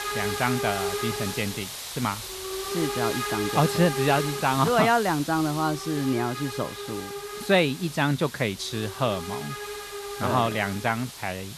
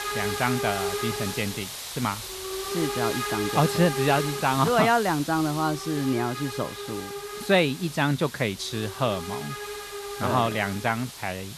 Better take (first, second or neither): neither